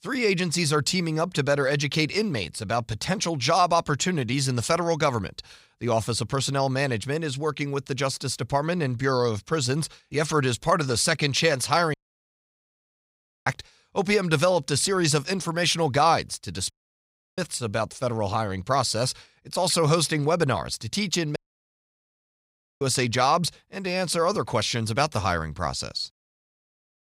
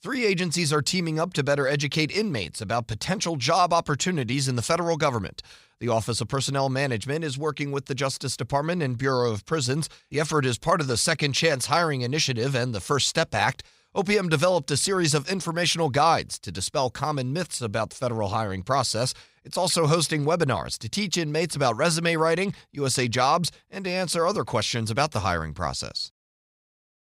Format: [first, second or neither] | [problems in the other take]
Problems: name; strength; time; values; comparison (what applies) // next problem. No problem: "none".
second | audio cutting out; at 12 s for 1.5 s, at 17 s for 0.5 s and at 21 s for 1.5 s